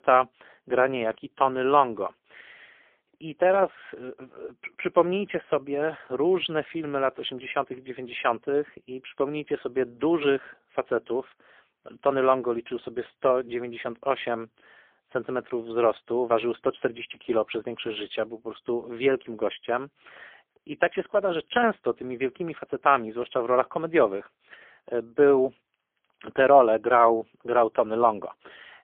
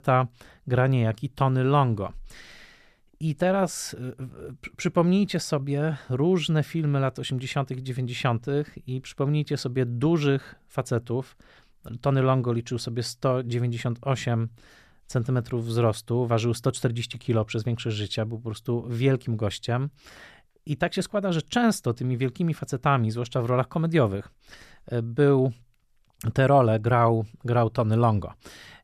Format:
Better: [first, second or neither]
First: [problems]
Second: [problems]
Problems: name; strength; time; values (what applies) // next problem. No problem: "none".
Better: second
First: phone-call audio; poor line; nothing above 3.5 kHz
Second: none